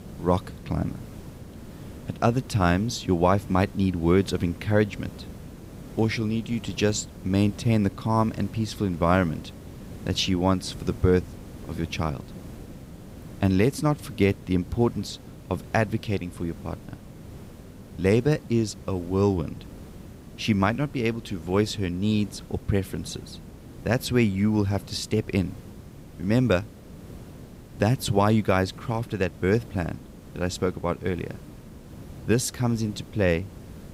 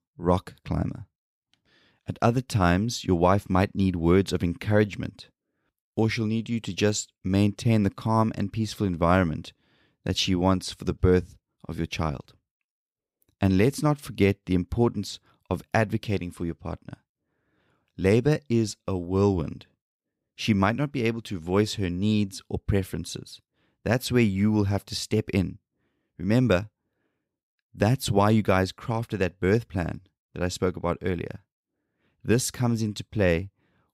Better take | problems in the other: second | hiss; noticeable; throughout; 15 dB below the speech

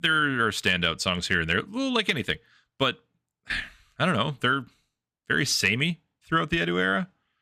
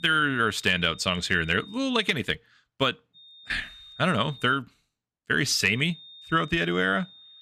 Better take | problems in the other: first | high-pitched whine; faint; until 2 s, from 3 to 4.5 s and from 5.5 s on; 3.5 kHz, 20 dB below the speech

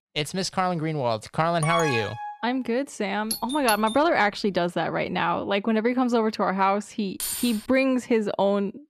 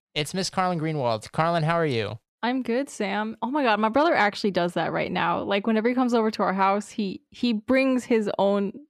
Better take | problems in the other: second | alarm; noticeable; at 1.5 s; peak 2 dB below the speech // doorbell; noticeable; at 3.5 s; peak 6 dB below the speech // jangling keys; noticeable; at 7 s; peak 4 dB below the speech

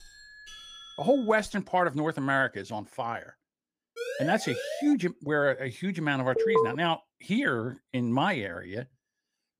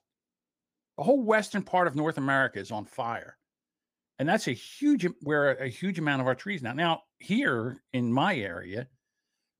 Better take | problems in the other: second | doorbell; faint; until 1.5 s; peak 15 dB below the speech // siren; noticeable; at 4 s; peak 6 dB below the speech // alarm; loud; at 6.5 s; peak 4 dB above the speech

